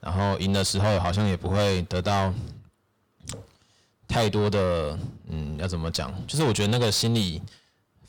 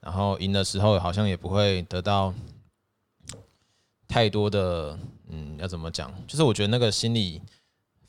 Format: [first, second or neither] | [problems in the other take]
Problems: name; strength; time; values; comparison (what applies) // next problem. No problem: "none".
second | distortion; heavy; 7 dB below the speech